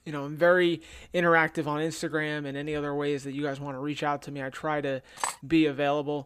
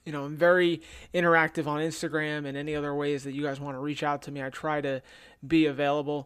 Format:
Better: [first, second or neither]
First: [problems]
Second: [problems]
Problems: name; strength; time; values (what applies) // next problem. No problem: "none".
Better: second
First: clattering dishes; noticeable; at 5 s; peak 6 dB below the speech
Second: none